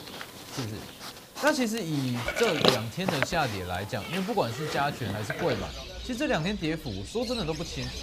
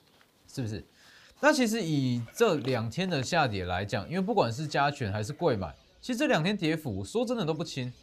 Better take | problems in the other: second | animal sounds; loud; throughout; 3 dB below the speech; faint in the second

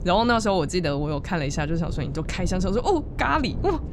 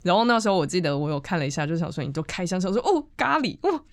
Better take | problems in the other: second | wind noise on the microphone; occasional gusts; 20 dB below the speech

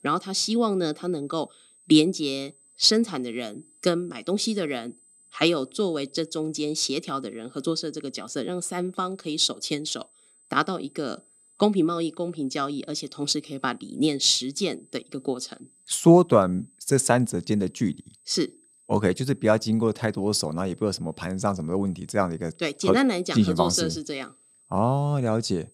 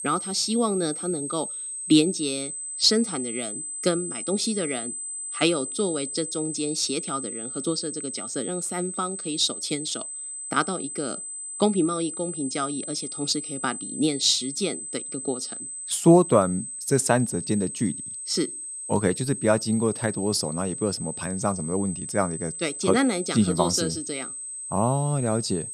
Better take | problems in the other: first | high-pitched whine; loud; throughout; 8 kHz, 6 dB below the speech; faint in the first

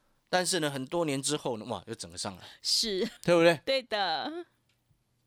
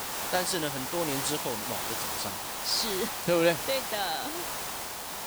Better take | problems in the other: first | hiss; loud; throughout; 2 dB below the speech

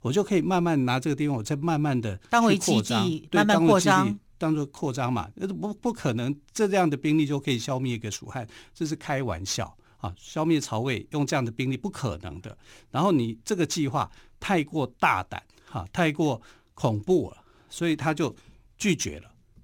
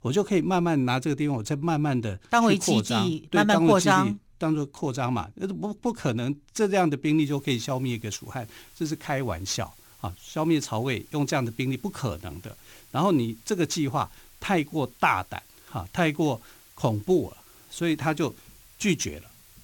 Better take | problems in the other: first | hiss; faint; from 7 s on; 25 dB below the speech

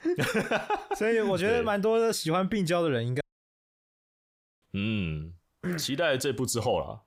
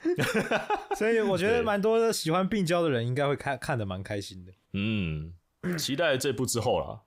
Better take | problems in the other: second | audio cutting out; at 3 s for 1.5 s

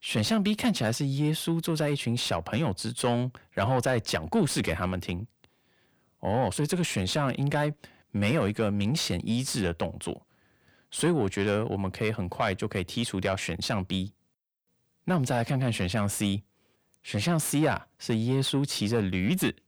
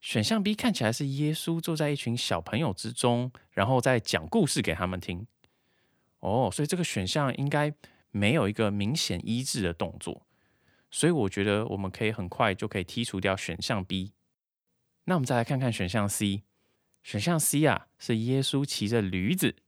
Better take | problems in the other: second | distortion; slight; 10 dB below the speech

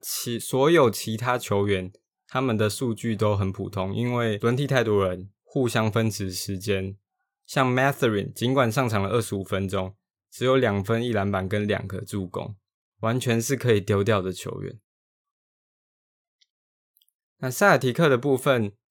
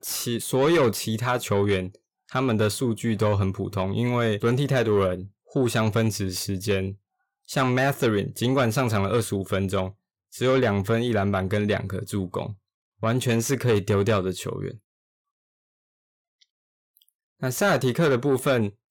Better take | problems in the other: first | distortion; slight; 10 dB below the speech

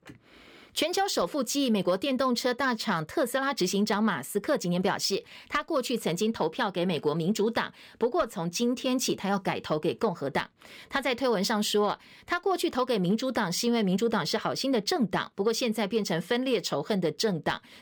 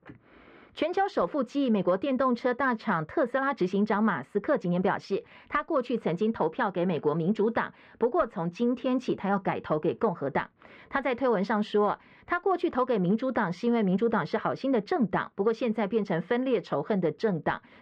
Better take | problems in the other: first | muffled; very; fading above 1.5 kHz

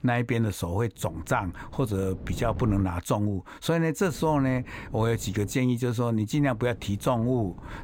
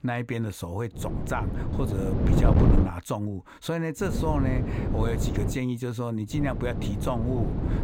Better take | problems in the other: first | wind noise on the microphone; heavy; from 1 to 3 s, from 4 to 5.5 s and from 6.5 s on; 2 dB below the speech; occasional gusts in the first

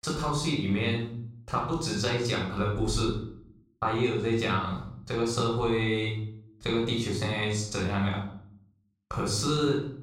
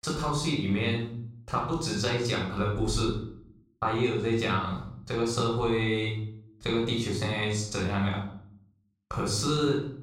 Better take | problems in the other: neither | off-mic speech; far; the same in both // room echo; noticeable; dies away in 0.6 s; the same in both

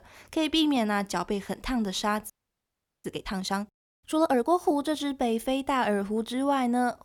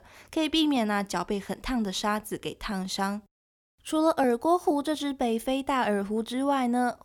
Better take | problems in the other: second | audio freezing; at 2.5 s for 0.5 s

